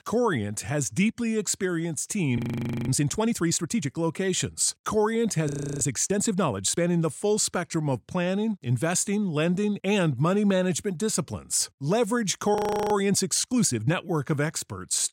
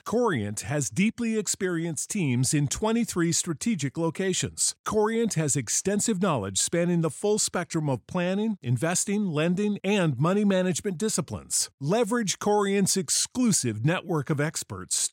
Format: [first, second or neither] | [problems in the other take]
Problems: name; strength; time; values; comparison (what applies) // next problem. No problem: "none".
second | audio freezing; at 2.5 s for 0.5 s, at 5.5 s and at 13 s